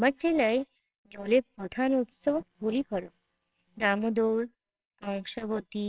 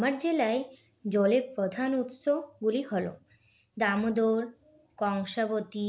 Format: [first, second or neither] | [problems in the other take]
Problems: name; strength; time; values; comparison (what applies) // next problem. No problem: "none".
second | noise reduction (neural separator model SepFormer WHAMR!)